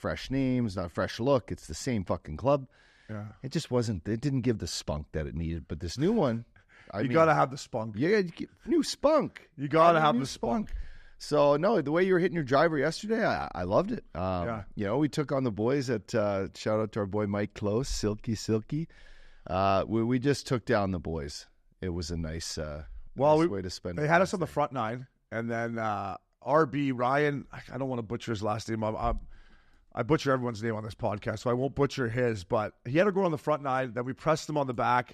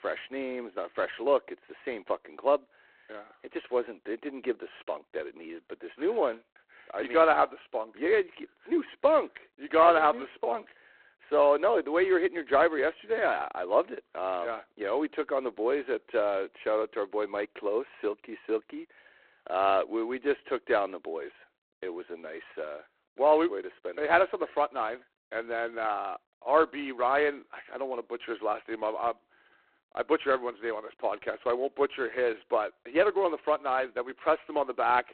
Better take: first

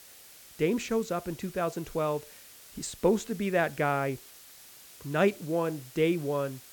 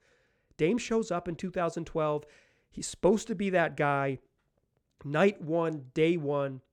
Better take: second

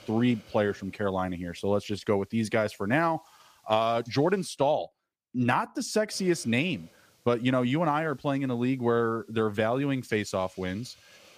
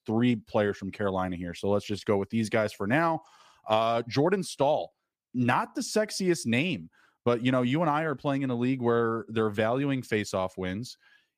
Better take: second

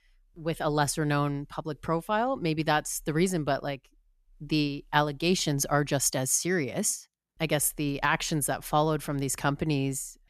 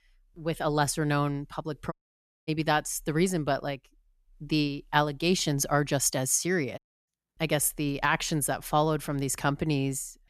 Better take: first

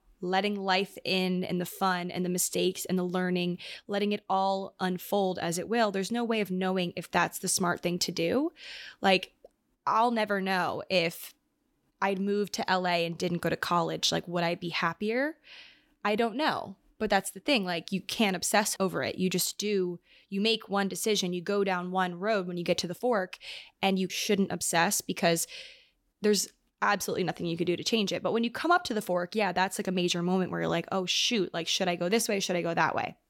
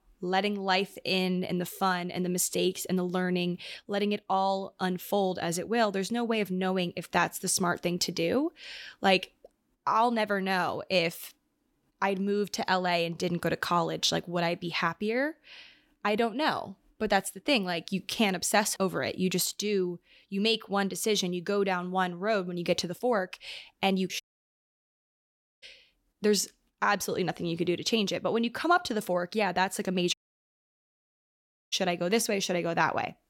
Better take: first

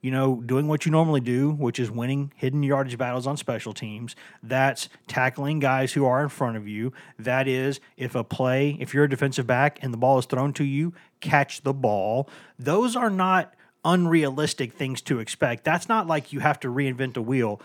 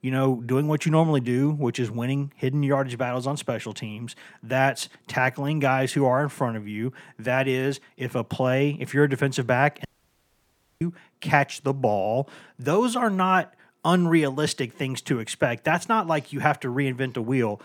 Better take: first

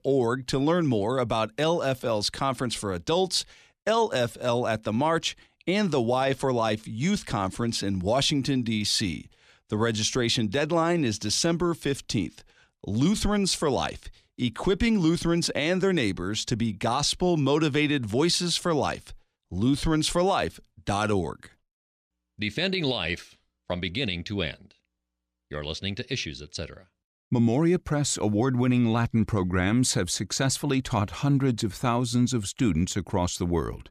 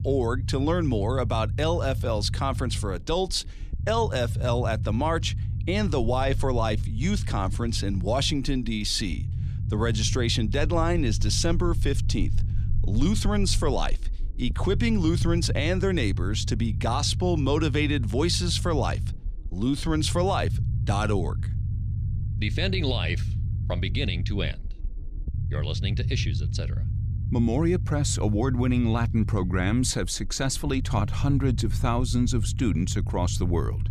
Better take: first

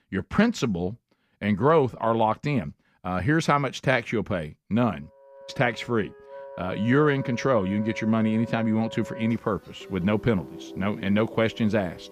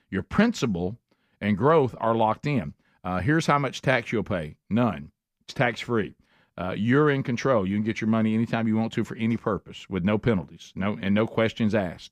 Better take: second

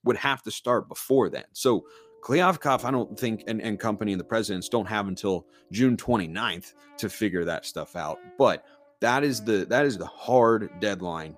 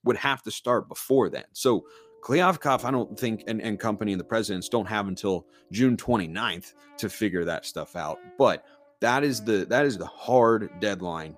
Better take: neither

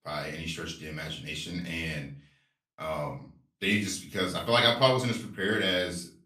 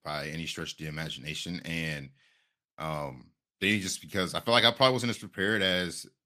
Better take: second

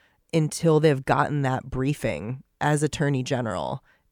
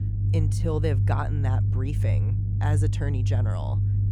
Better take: first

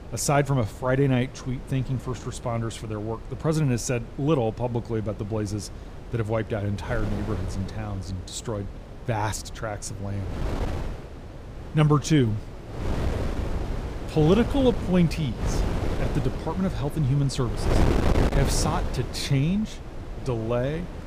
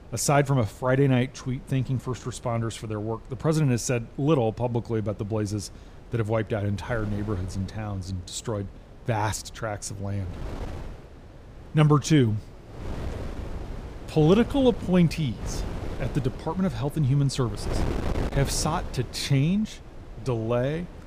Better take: second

